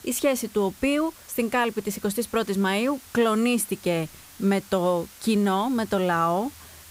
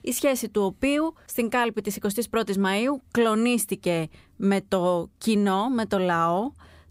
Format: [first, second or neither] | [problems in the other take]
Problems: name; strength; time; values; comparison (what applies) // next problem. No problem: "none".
second | hiss; faint; throughout; 20 dB below the speech